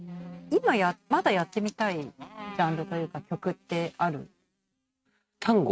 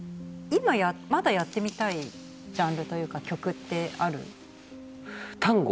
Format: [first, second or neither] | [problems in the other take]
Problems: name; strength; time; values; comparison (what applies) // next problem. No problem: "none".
second | noise reduction (neural mask model RNNoise)